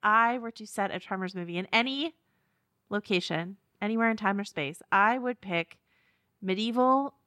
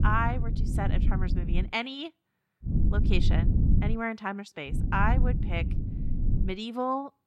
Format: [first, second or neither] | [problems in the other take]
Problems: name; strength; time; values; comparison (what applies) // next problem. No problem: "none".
first | low rumble; loud; until 1.5 s, from 2.5 to 4 s and from 4.5 to 6.5 s; 9 dB below the speech